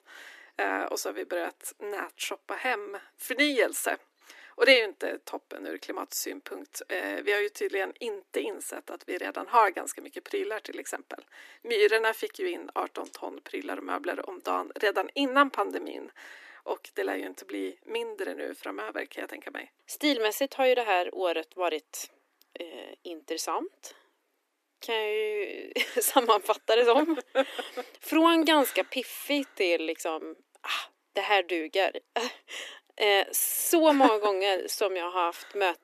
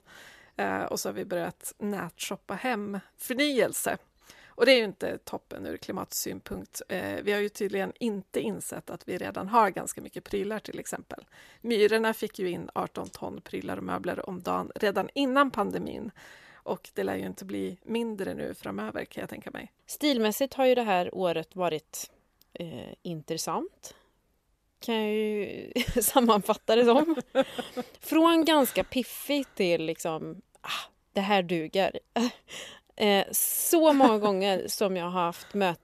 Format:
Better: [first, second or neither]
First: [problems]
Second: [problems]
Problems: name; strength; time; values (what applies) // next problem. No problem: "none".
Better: second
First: thin; very slightly; fading below 300 Hz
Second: none